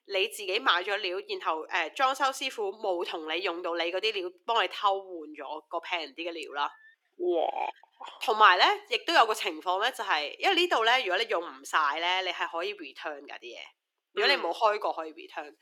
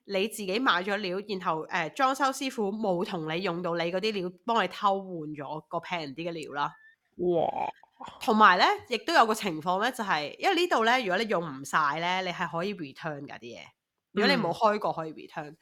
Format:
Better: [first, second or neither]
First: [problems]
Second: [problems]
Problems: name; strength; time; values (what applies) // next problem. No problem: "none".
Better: second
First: thin; very; fading below 350 Hz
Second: none